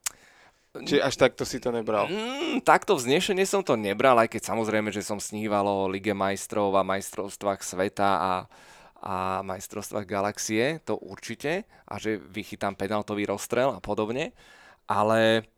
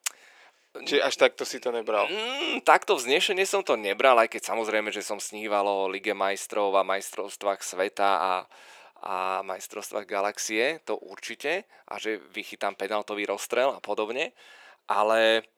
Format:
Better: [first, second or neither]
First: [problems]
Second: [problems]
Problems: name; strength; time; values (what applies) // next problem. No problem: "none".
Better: first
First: none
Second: thin; somewhat; fading below 450 Hz